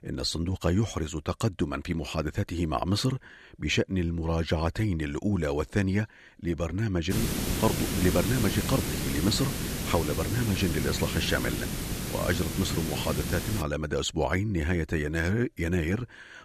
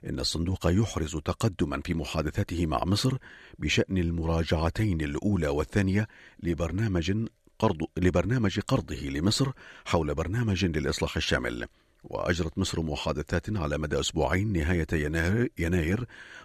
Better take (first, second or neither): second